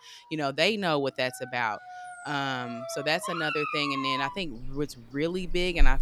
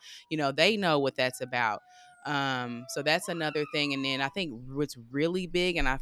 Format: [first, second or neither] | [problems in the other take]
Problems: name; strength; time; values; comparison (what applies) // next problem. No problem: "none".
second | animal sounds; loud; throughout; 5 dB below the speech; faint in the second